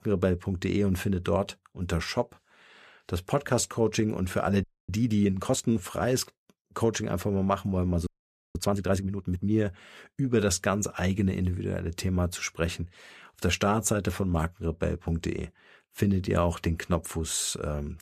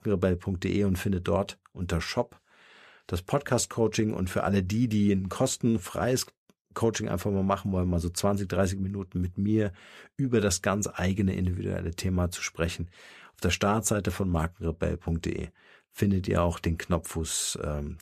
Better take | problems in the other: second | audio freezing; at 4.5 s and at 8 s

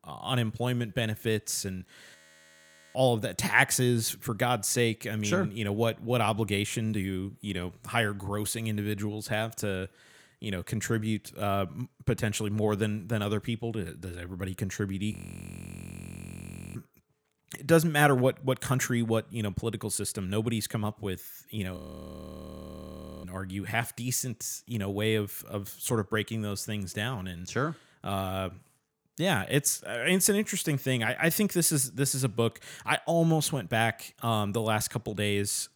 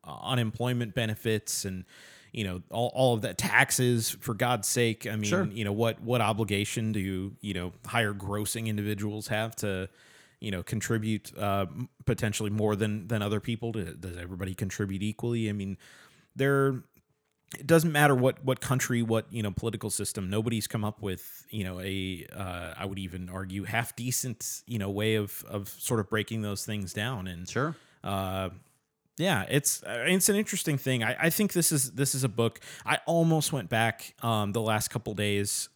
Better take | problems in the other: second | audio freezing; at 2 s for 1 s, at 15 s for 1.5 s and at 22 s for 1.5 s

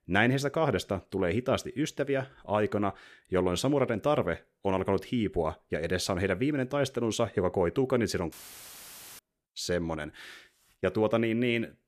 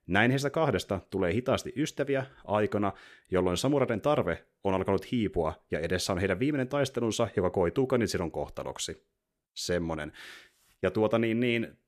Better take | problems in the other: second | audio cutting out; filled with static; at 8.5 s for 1 s

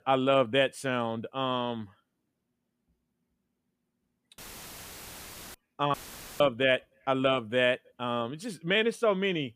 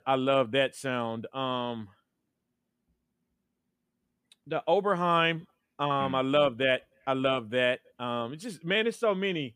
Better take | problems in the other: second | audio cutting out; filled with static; at 4.5 s for 1 s and at 6 s

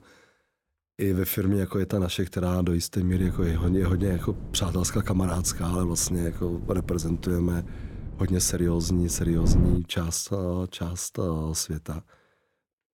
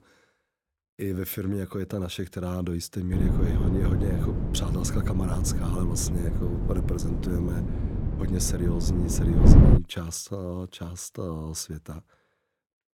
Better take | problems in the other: first | wind noise on the microphone; heavy; from 3 to 10 s; as loud as the speech; occasional gusts in the first

